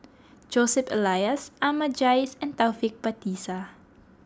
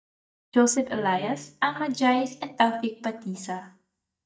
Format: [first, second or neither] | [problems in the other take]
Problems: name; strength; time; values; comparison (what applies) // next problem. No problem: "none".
first | noise reduction (neural mask model DeepFilterNet 3)